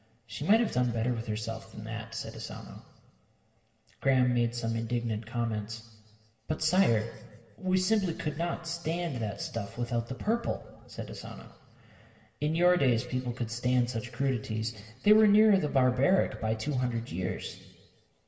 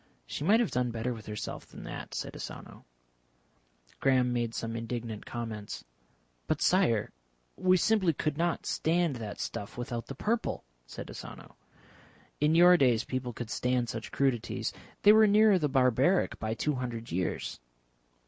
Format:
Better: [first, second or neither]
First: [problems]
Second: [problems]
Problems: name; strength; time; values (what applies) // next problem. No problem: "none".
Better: second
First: room echo; dies away in 1.4 s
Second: none